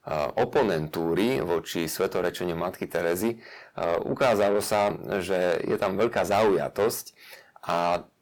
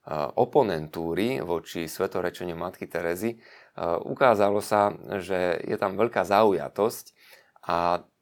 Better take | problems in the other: second | distortion; heavy; 7 dB below the speech

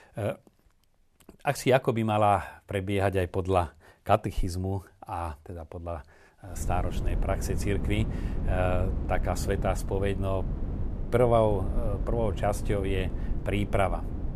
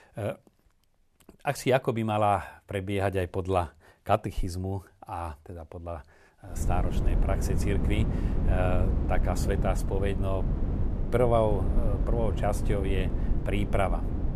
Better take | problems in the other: first | wind noise on the microphone; heavy; from 6.5 s on; 10 dB below the speech; occasional gusts in the first

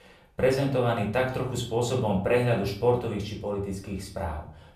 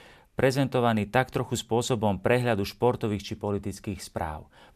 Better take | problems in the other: second | off-mic speech; somewhat distant // room echo; slight; dies away in 0.5 s

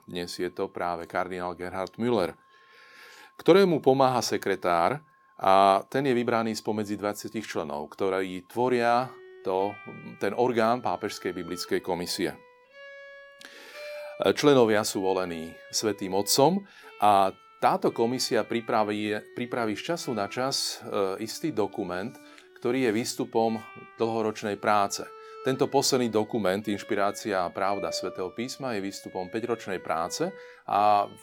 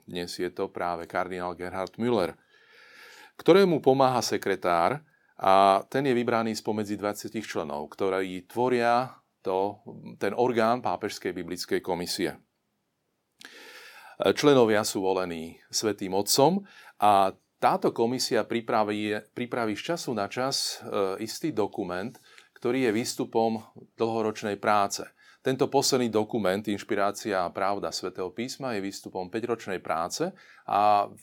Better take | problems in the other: second | background music; faint; throughout; 20 dB below the speech

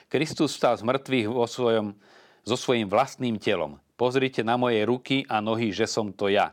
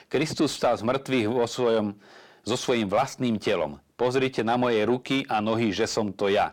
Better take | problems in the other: first | distortion; slight; 10 dB below the speech

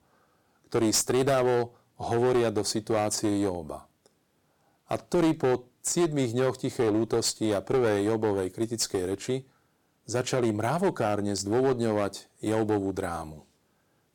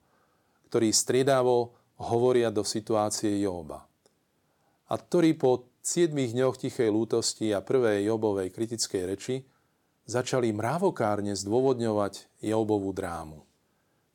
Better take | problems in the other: second | distortion; slight; 8% of the sound clipped

